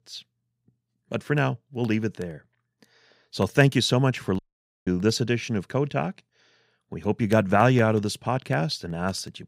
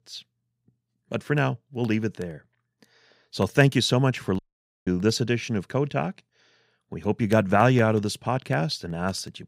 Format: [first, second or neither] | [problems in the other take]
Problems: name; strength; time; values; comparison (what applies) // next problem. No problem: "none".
neither | audio cutting out; at 4.5 s; the same in both